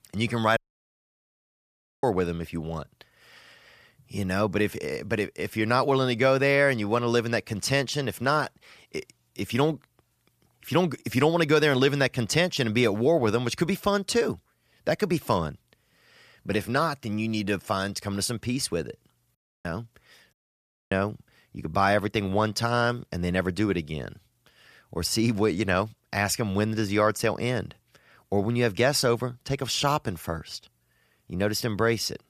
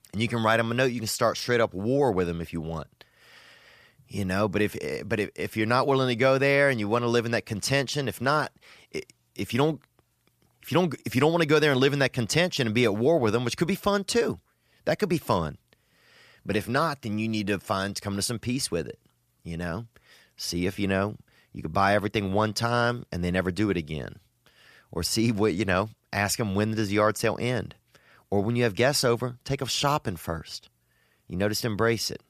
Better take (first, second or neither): second